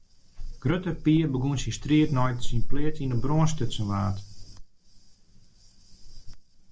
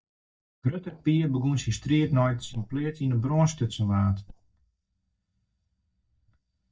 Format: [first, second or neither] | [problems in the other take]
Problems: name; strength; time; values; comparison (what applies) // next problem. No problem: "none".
first | noise reduction (neural mask model DeepFilterNet 3)